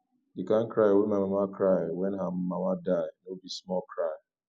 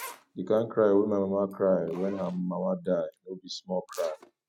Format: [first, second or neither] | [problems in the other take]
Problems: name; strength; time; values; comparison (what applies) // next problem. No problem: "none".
first | noise reduction (neural mask model RNNoise)